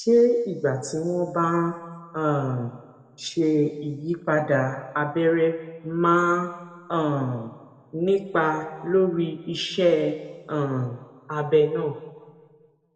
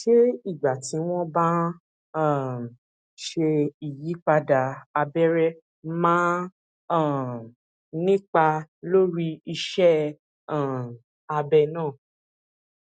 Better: second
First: room echo; dies away in 1.4 s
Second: none

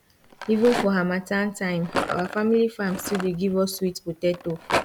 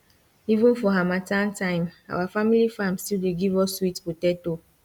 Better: second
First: background sound (Rattle); 8 dB below the speech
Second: none

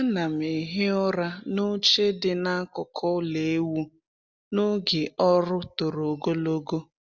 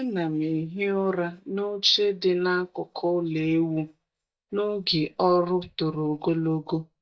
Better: first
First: none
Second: noise reduction (neural mask model DeepFilterNet 3)

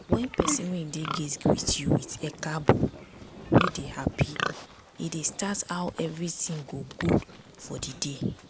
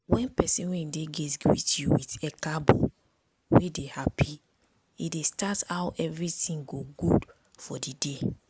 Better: second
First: background sound (Livestock, farm animals, working animals); 9 dB below the speech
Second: none

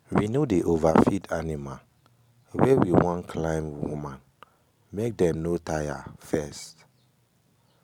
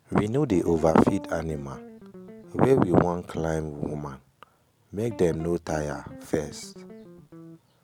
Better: first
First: none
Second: background sound (Guitar); 17 dB below the speech

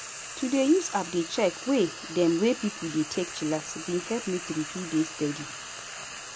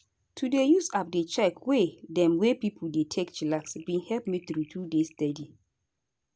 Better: second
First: background sound (Frying (food)); 11 dB below the speech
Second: none

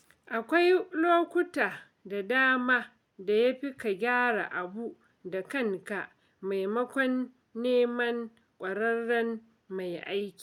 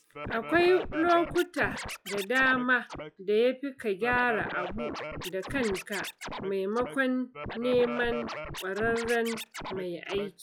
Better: first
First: none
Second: noise reduction (classical method log-MMSE)

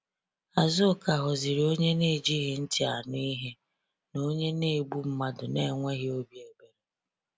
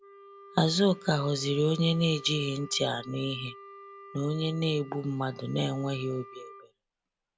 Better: first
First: none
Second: background sound (Wind instrument, woodwind instrument); 19 dB below the speech

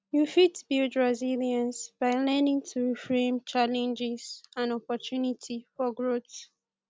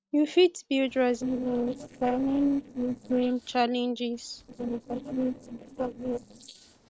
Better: first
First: none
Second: noise reduction (neural separator model SepFormer DNS4)

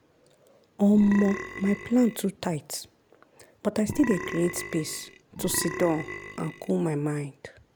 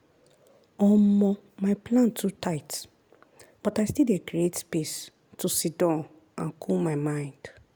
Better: second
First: background sound (Burping, eructation); 11 dB below the speech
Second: none

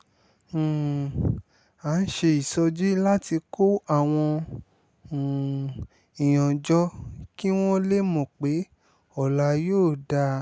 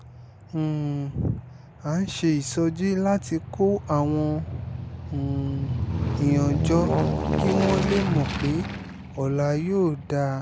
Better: first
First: none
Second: background sound (Aircraft); 4 dB below the speech

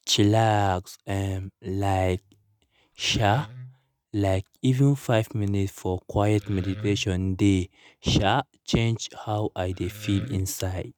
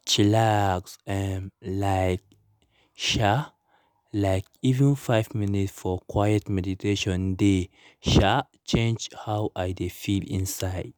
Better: second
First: noise reduction (neural mask model RNNoise)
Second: none

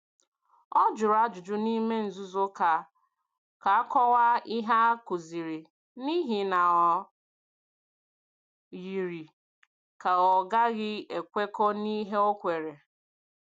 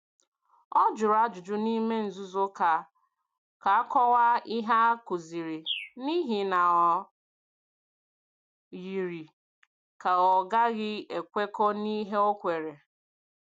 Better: first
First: none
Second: background sound (Bird); 13 dB below the speech

